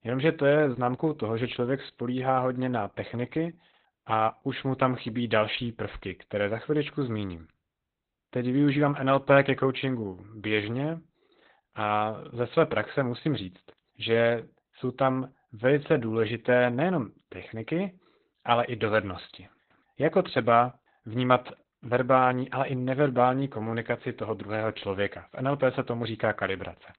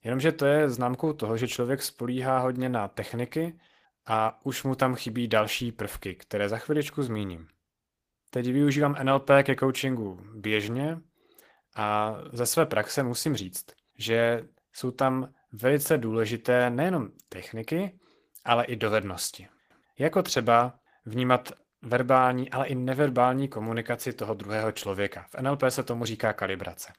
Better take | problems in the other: second | garbled, watery; badly; nothing above 4 kHz; slightly in the second

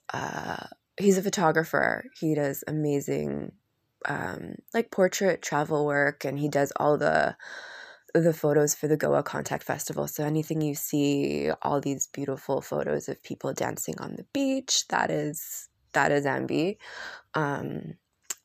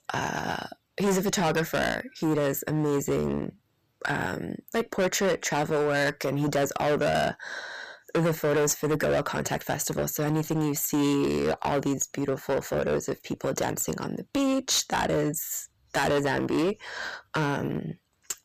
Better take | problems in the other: first | distortion; heavy; 13% of the sound clipped

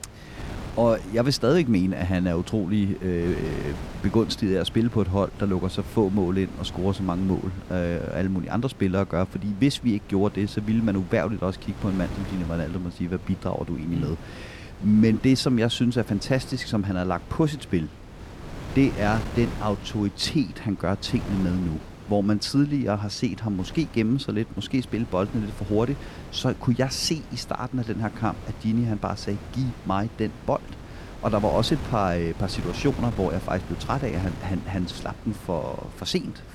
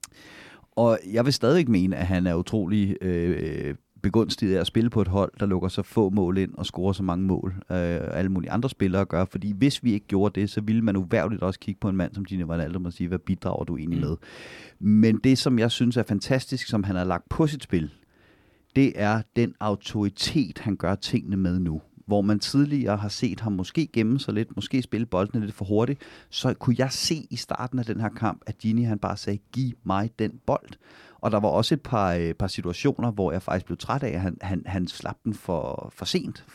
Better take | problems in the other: second | wind noise on the microphone; occasional gusts; 15 dB below the speech

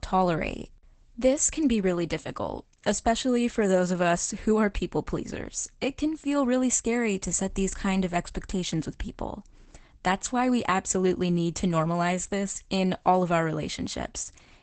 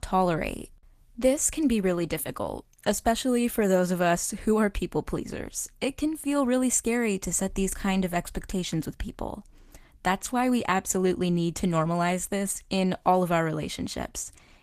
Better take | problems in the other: second | garbled, watery; badly; nothing above 8 kHz; slightly in the second

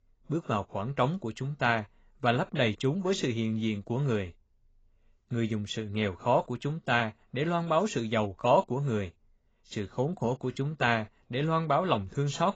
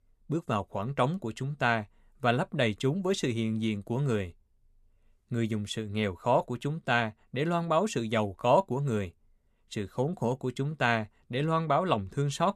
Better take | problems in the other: second | garbled, watery; badly; nothing above 7.5 kHz

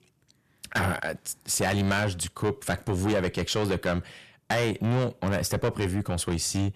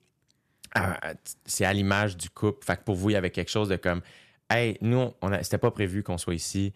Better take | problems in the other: second | distortion; heavy; 6 dB below the speech

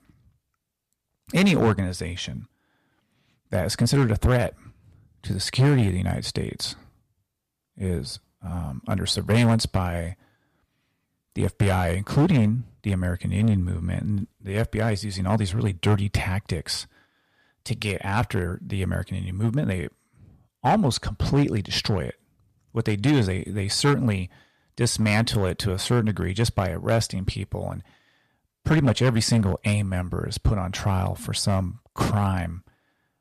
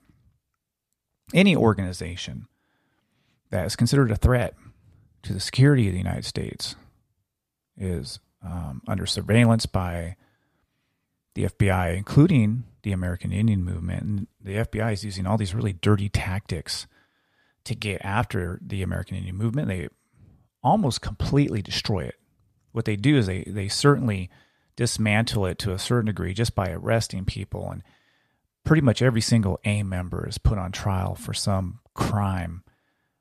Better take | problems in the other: second | distortion; slight; 3% of the sound clipped

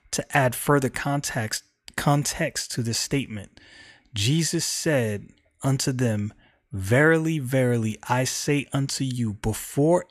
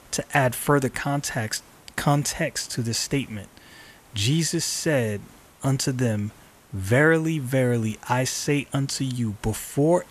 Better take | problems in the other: first | hiss; faint; throughout; 25 dB below the speech

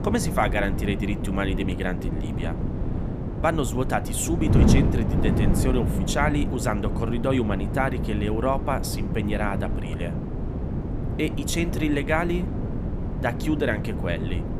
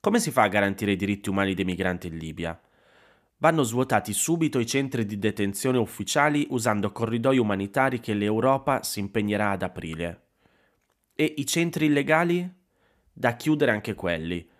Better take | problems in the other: second | wind noise on the microphone; heavy; 7 dB below the speech

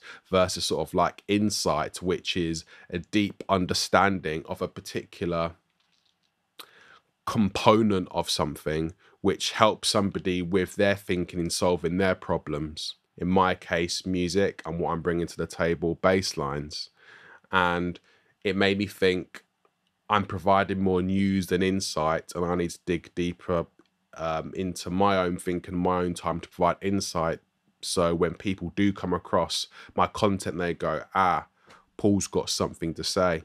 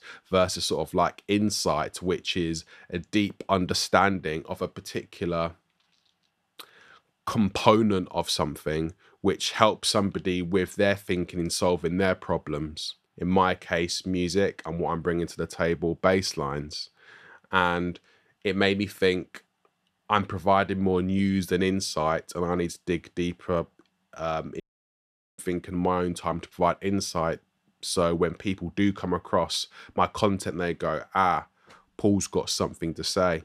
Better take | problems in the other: first | audio cutting out; at 25 s for 1 s

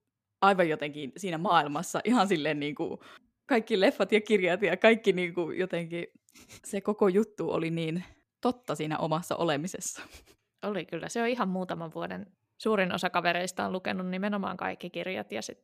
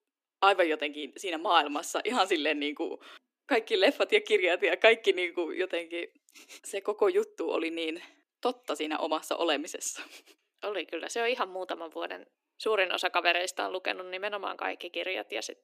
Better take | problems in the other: first | thin; somewhat; fading below 300 Hz

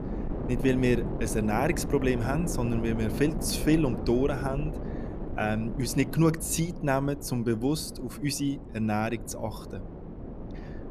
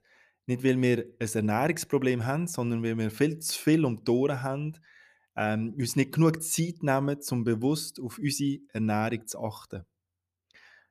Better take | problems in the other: second | wind noise on the microphone; heavy; 10 dB below the speech

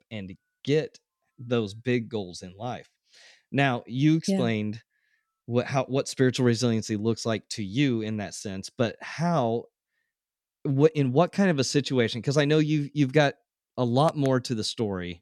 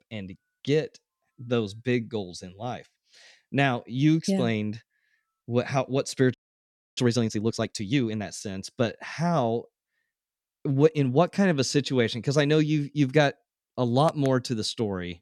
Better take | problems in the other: first | audio freezing; at 6.5 s for 0.5 s

